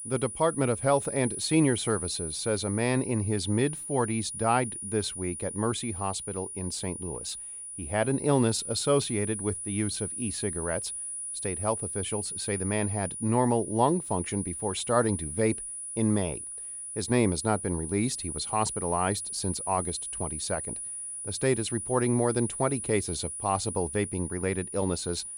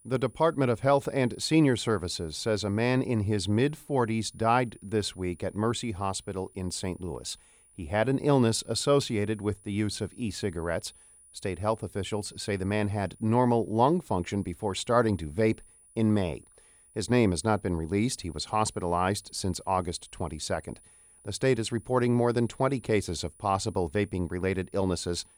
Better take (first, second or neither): second